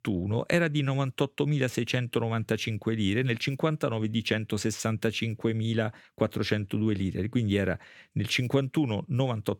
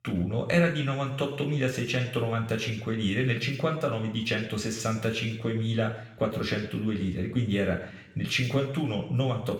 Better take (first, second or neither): first